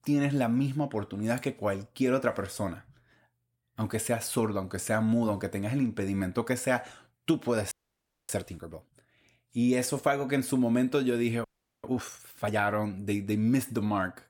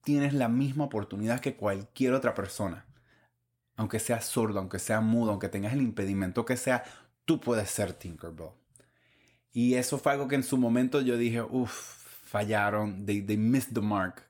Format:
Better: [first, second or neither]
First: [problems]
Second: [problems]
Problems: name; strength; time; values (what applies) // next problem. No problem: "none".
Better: second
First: audio freezing; at 7.5 s for 0.5 s and at 11 s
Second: none